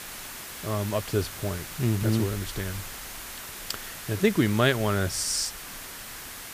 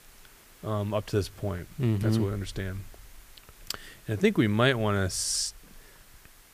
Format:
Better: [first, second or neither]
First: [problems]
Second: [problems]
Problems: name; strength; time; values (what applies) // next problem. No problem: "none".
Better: second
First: hiss; loud; throughout; 10 dB below the speech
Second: hiss; faint; throughout; 25 dB below the speech